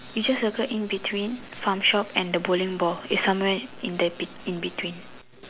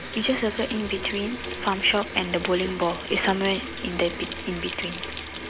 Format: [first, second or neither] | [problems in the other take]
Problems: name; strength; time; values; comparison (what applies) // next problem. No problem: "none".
first | background sound (Sink (filling or washing) / Water tap, faucet); 8 dB below the speech